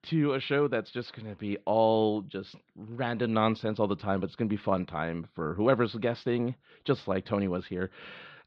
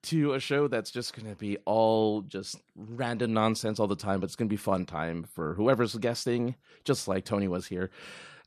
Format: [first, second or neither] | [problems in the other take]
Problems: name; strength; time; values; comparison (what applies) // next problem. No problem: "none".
second | muffled; slightly; fading above 4 kHz